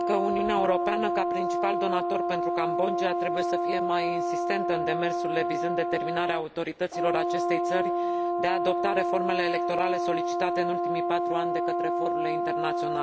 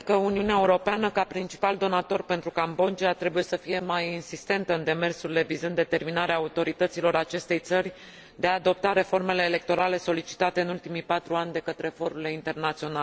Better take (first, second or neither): second